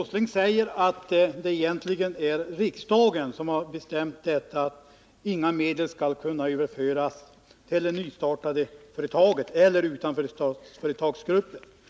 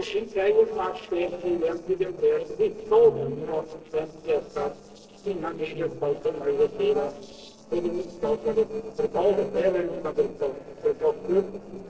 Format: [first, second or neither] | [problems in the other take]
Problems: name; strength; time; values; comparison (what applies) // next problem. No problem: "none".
first | noise reduction (neural separator model SepFormer DNS4)